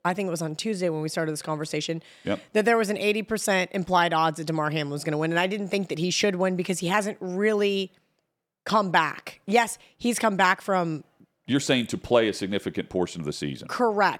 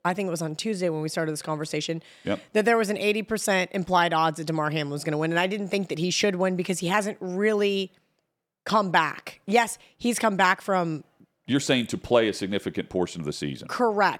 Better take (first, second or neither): neither